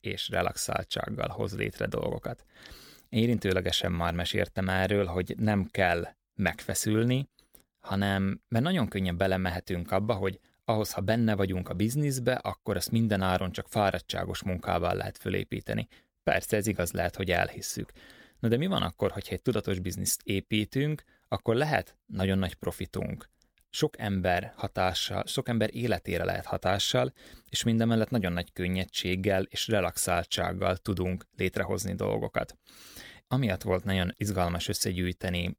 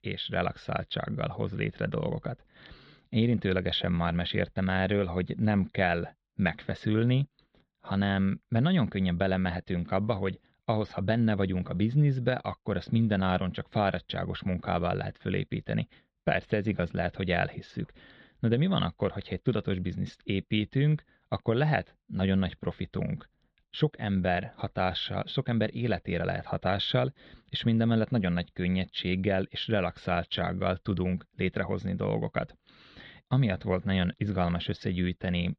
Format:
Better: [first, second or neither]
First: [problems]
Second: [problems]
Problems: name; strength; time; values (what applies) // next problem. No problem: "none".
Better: first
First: none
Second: muffled; slightly; fading above 4 kHz